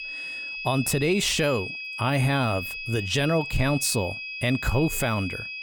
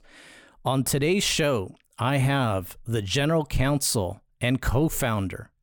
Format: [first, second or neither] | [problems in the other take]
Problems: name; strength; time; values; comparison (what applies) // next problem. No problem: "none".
second | high-pitched whine; loud; throughout; 2.5 kHz, 7 dB below the speech